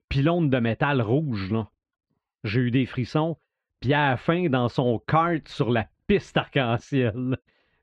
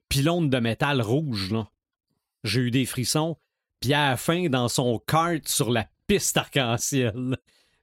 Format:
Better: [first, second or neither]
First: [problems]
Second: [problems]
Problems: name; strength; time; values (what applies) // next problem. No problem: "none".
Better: second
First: muffled; very; fading above 2.5 kHz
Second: none